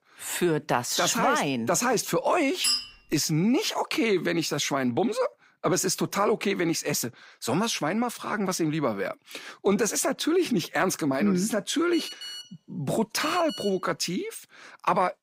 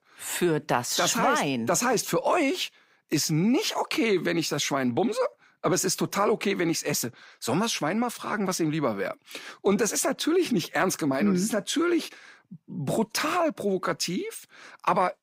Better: second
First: clattering dishes; loud; at 2.5 s; peak 1 dB above the speech // phone ringing; noticeable; from 12 to 14 s; peak 10 dB below the speech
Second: none

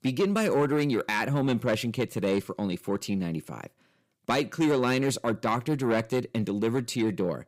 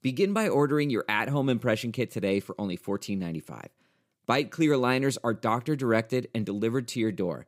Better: second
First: distortion; slight; 10 dB below the speech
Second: none

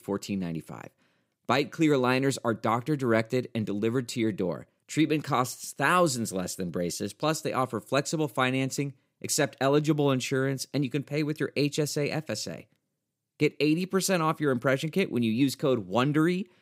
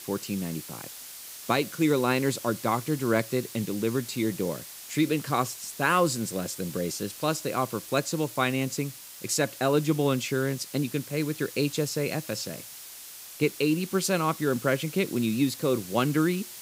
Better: first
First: none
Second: hiss; noticeable; throughout; 15 dB below the speech

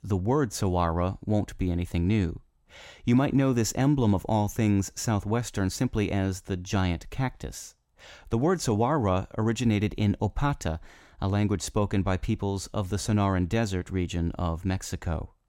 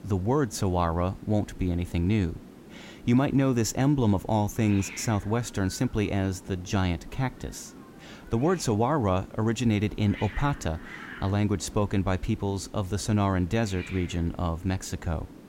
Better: first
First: none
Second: hiss; noticeable; throughout; 20 dB below the speech

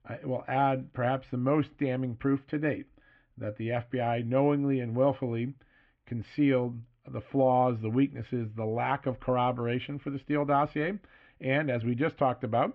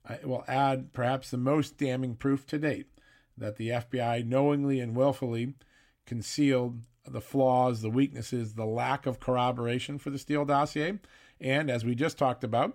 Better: second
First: muffled; very; fading above 3 kHz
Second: none

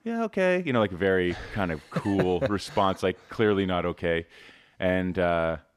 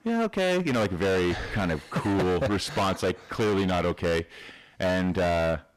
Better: first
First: none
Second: distortion; heavy; 25% of the sound clipped

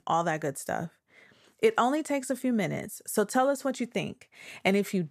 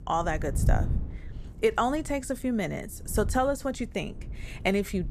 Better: first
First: none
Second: wind noise on the microphone; occasional gusts; 20 dB below the speech

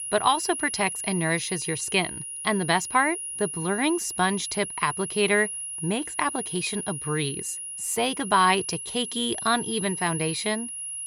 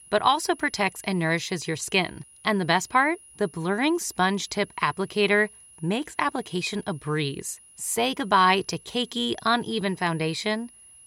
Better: second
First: high-pitched whine; loud; throughout; 10.5 kHz, 6 dB below the speech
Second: high-pitched whine; faint; throughout; 10.5 kHz, 25 dB below the speech

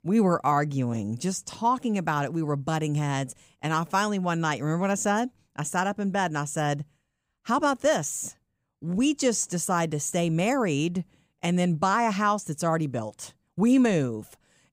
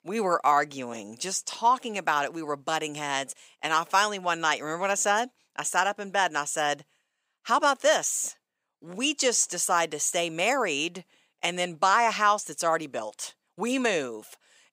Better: first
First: none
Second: thin; somewhat; fading below 500 Hz

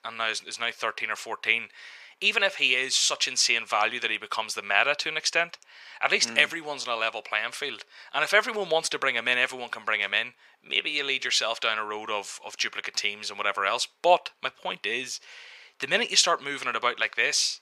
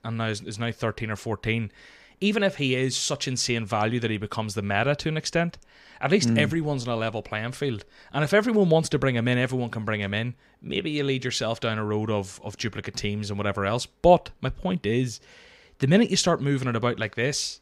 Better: second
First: thin; very; fading below 750 Hz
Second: none

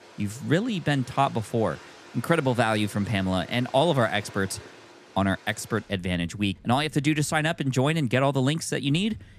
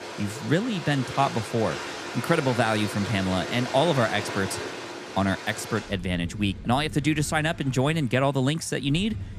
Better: first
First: rain or running water; faint; throughout; 20 dB below the speech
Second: rain or running water; loud; throughout; 9 dB below the speech

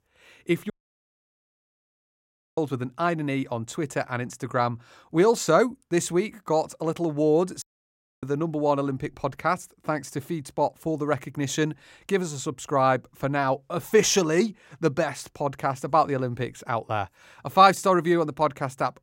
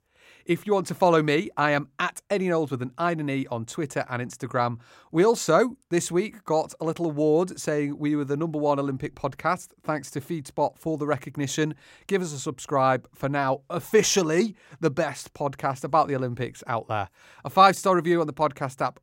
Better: second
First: audio cutting out; at 0.5 s for 2 s and at 7.5 s for 0.5 s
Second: none

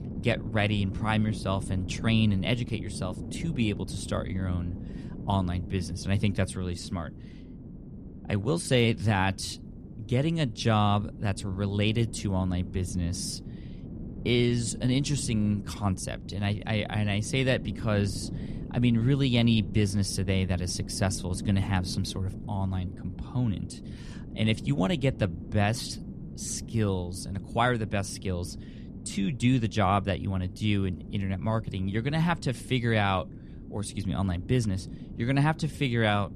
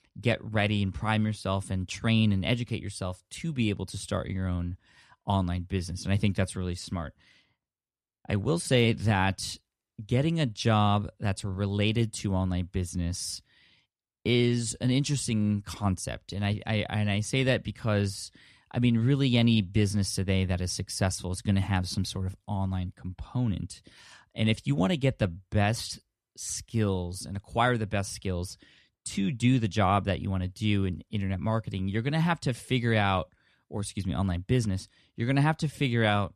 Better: second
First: wind noise on the microphone; occasional gusts; 15 dB below the speech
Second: none

